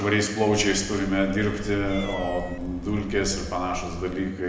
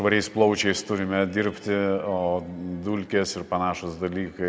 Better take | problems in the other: second | background sound (Cat); 10 dB below the speech // room echo; dies away in 0.9 s

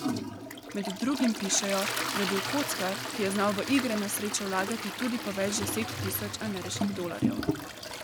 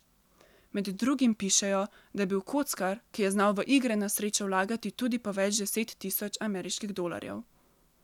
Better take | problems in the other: second | background sound (Toilet flush); 2 dB below the speech

